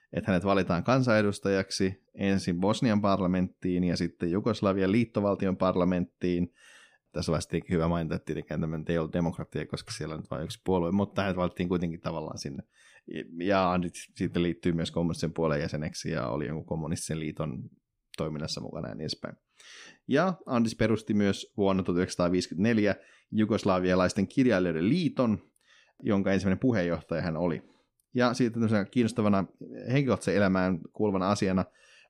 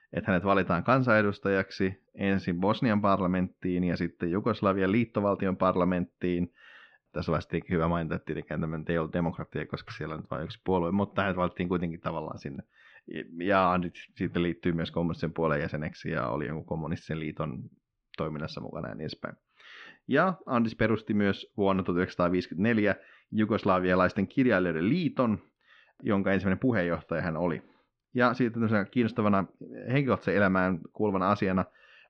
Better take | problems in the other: first | muffled; slightly; fading above 4 kHz

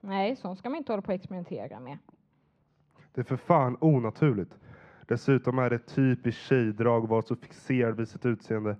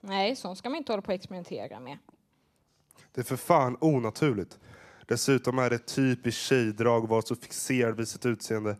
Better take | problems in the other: second | muffled; very; fading above 2 kHz

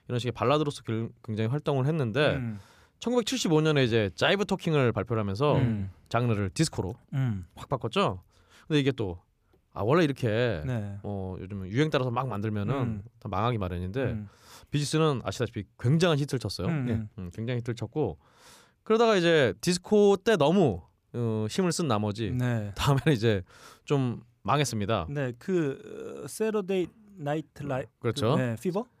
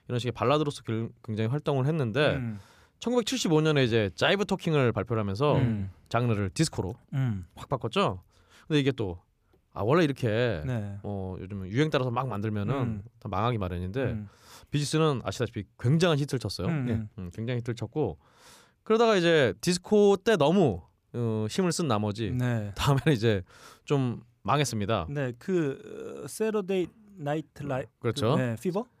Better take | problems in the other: neither | none

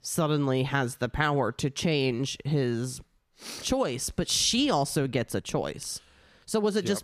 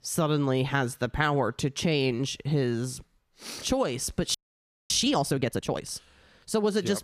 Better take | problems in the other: first | audio freezing; at 4.5 s for 0.5 s

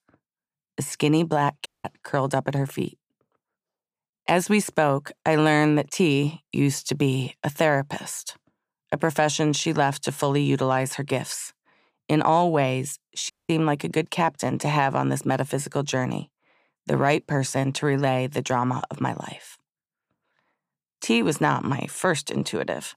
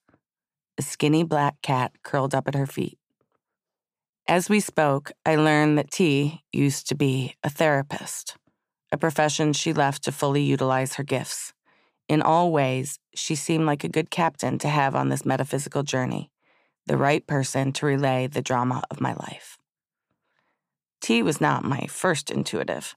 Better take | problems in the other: second | audio cutting out; at 1.5 s and at 13 s

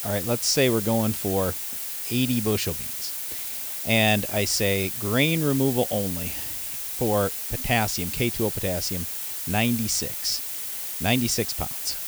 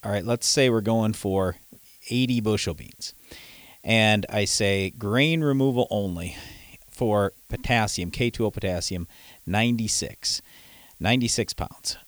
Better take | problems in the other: second | hiss; loud; throughout; 4 dB below the speech; faint in the second

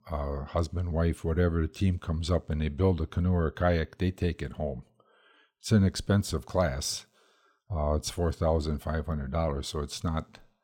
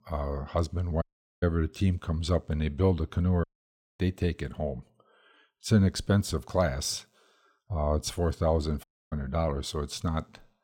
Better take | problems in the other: first | audio cutting out; at 1 s, at 3.5 s for 0.5 s and at 9 s

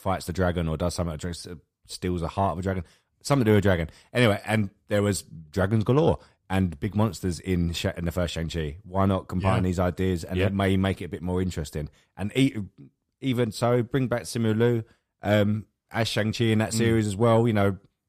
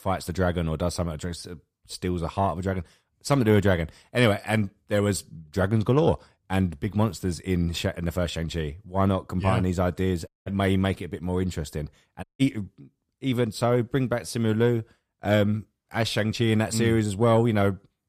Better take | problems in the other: first | audio cutting out; at 10 s and at 12 s

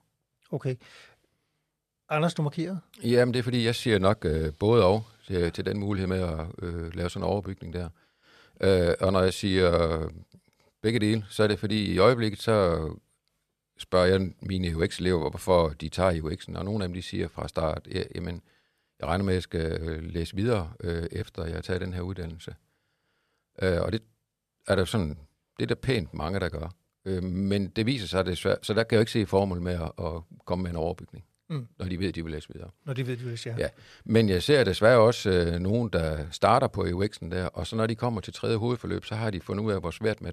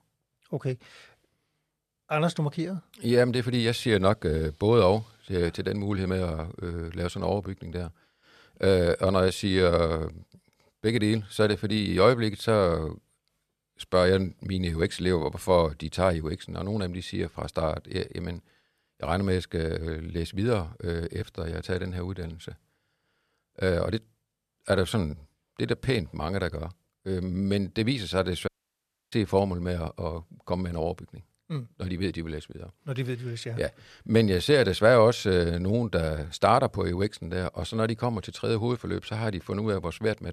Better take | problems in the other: first | audio cutting out; at 28 s for 0.5 s

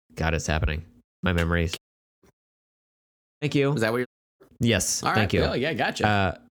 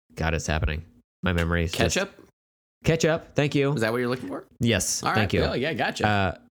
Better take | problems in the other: second | audio cutting out; at 2 s, at 3 s for 0.5 s and at 4 s

